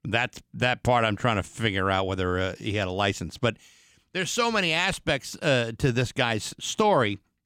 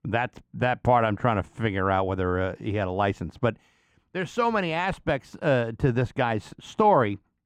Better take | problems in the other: first | muffled; very; fading above 2.5 kHz

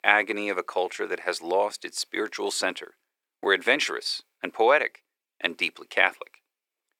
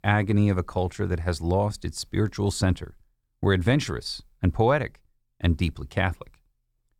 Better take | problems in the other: second | thin; very; fading below 400 Hz

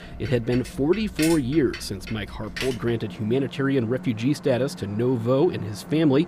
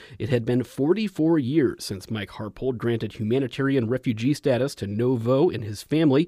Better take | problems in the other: second | traffic noise; noticeable; throughout; 10 dB below the speech

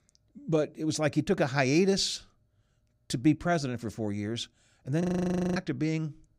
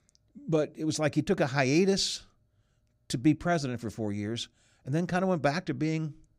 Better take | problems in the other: second | audio freezing; at 5 s for 0.5 s

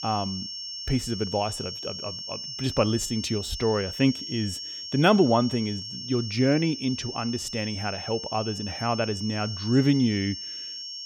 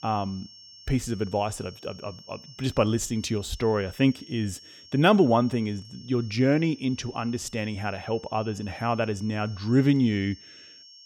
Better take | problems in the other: second | high-pitched whine; loud; throughout; 5.5 kHz, 8 dB below the speech; faint in the second

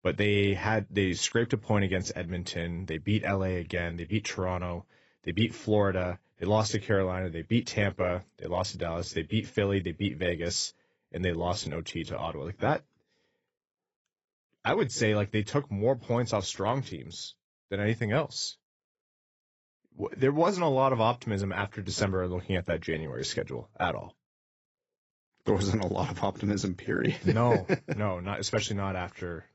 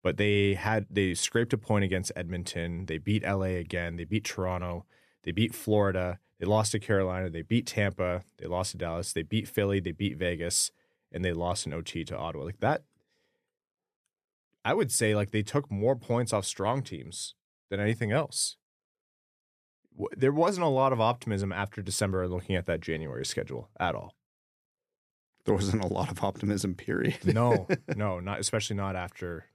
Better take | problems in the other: second | garbled, watery; badly; nothing above 7.5 kHz

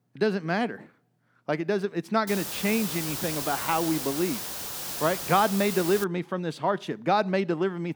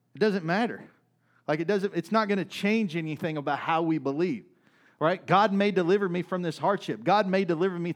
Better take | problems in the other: second | hiss; loud; from 2.5 to 6 s; 5 dB below the speech

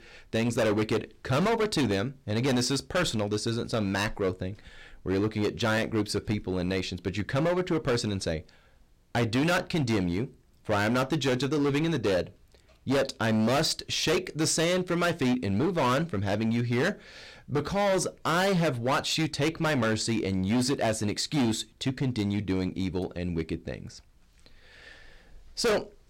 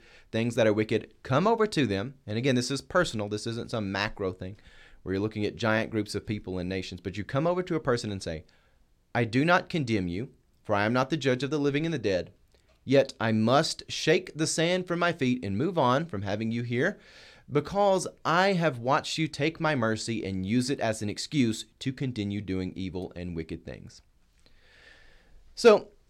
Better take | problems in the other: second | distortion; heavy; 14% of the sound clipped

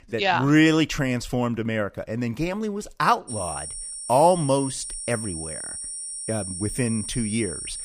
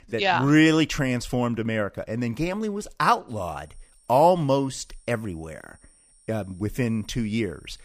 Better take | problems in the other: second | high-pitched whine; loud; from 3.5 s on; 9 kHz, 7 dB below the speech; faint in the second

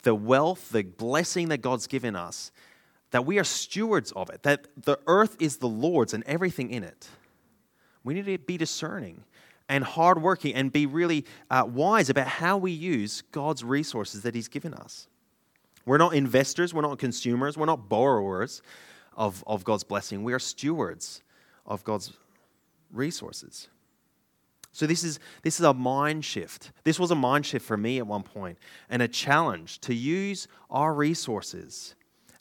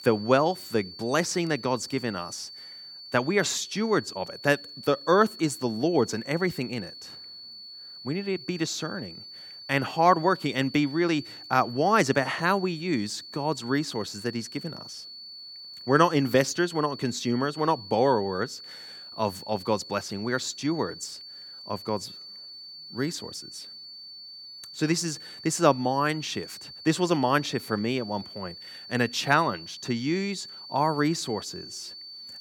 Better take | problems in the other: first | high-pitched whine; noticeable; throughout; 4.5 kHz, 15 dB below the speech

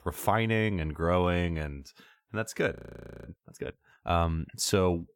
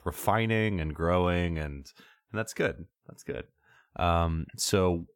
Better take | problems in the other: second | audio freezing; at 2.5 s for 0.5 s

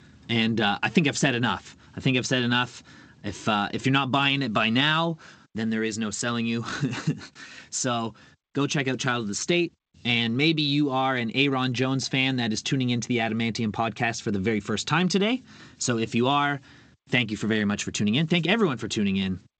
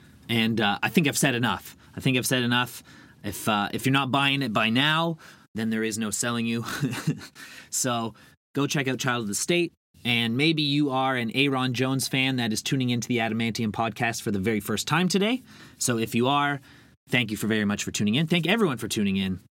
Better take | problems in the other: second | garbled, watery; slightly; nothing above 8 kHz

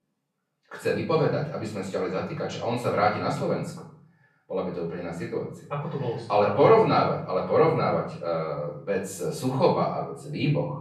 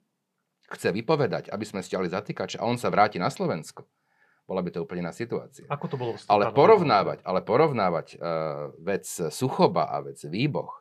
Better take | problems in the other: second | off-mic speech; far // room echo; noticeable; dies away in 0.5 s

